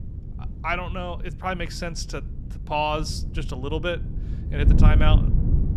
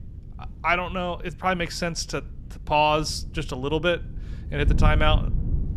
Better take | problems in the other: second | wind noise on the microphone; heavy; 9 dB below the speech; occasional gusts in the second

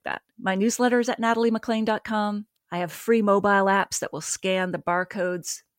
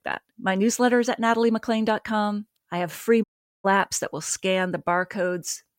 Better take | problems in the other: first | audio cutting out; at 3 s

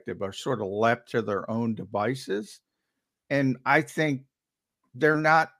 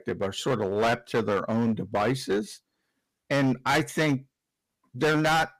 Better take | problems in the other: first | distortion; heavy; 12% of the sound clipped

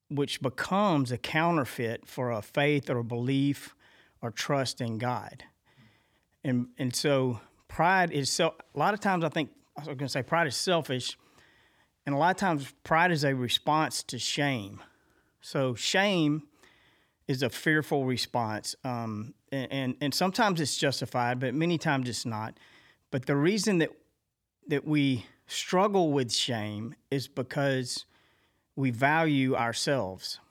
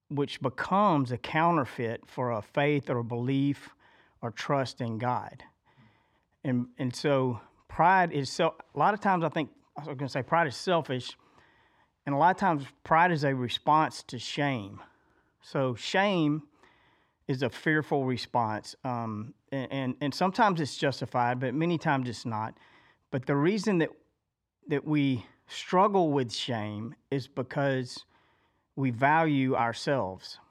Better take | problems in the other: first | muffled; slightly; fading above 2.5 kHz

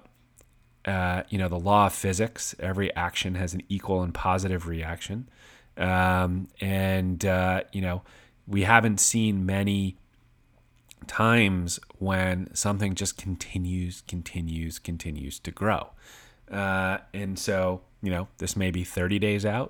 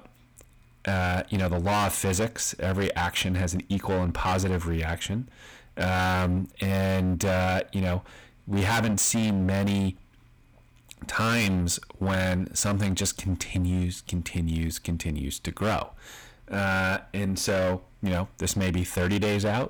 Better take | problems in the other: first | distortion; heavy; 19% of the sound clipped

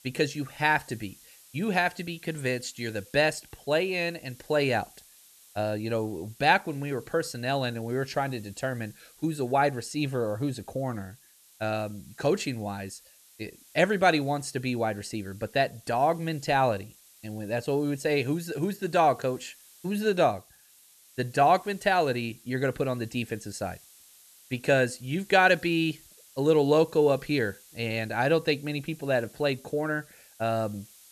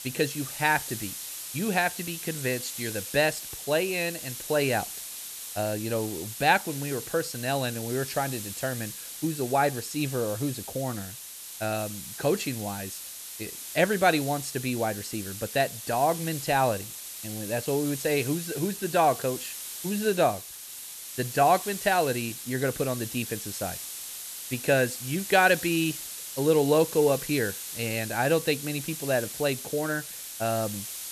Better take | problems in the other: first | hiss; loud; throughout; 8 dB below the speech; faint in the first

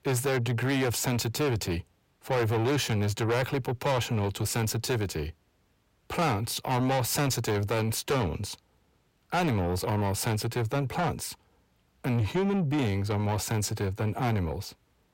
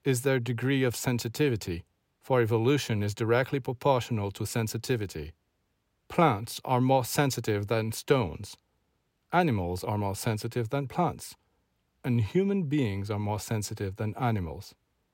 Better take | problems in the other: second | distortion; heavy; 6 dB below the speech

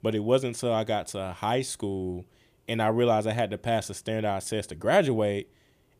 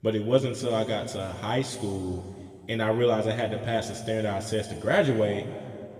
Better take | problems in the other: first | room echo; noticeable; dies away in 2 s // off-mic speech; somewhat distant

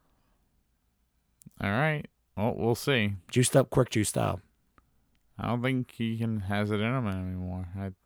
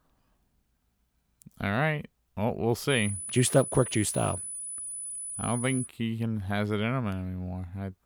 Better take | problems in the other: first | high-pitched whine; loud; from 3 to 6 s; 10 kHz, 6 dB below the speech

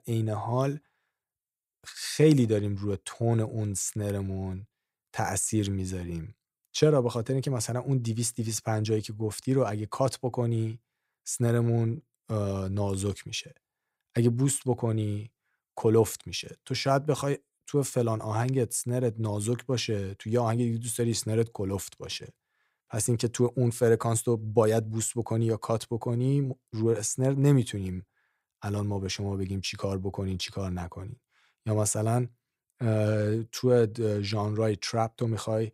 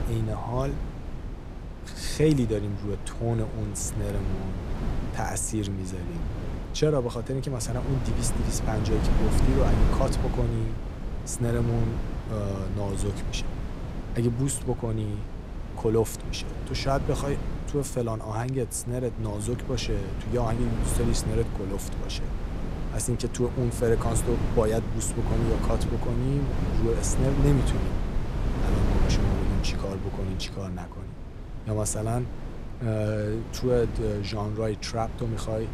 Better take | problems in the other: first | wind noise on the microphone; heavy; 7 dB below the speech

